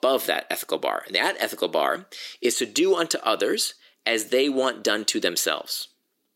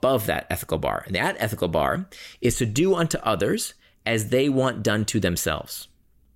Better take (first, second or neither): second